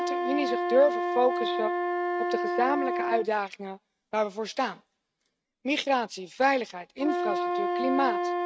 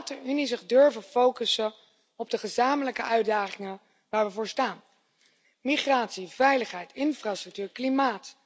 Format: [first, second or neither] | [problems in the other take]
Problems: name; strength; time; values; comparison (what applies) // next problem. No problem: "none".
second | noise reduction (neural mask model RNNoise)